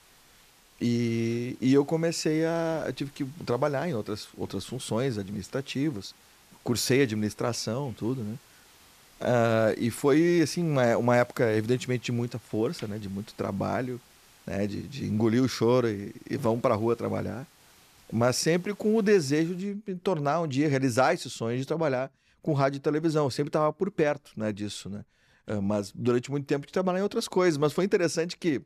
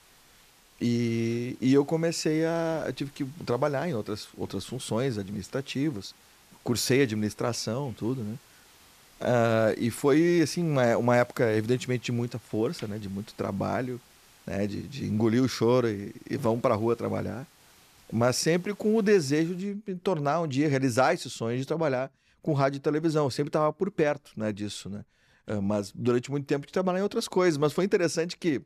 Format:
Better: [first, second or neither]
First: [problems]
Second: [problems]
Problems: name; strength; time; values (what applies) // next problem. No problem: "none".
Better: neither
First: hiss; faint; until 20 s; 30 dB below the speech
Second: hiss; faint; until 20 s; 30 dB below the speech